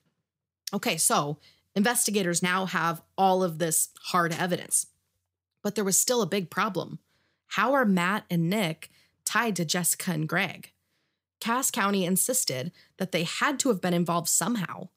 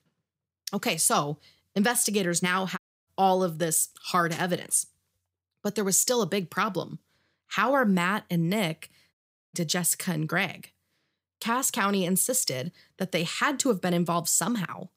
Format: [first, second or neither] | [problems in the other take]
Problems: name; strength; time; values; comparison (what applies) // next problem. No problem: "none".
first | audio cutting out; at 3 s and at 9 s